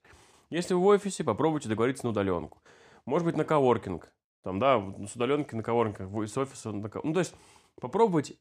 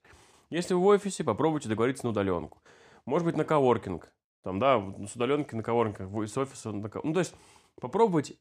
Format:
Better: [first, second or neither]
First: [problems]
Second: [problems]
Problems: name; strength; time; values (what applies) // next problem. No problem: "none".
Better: neither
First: none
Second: none